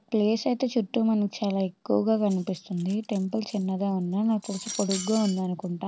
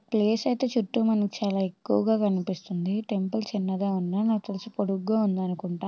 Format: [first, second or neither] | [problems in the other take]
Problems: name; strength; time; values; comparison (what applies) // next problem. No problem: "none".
second | background sound (Cutlery, silverware); 15 dB below the speech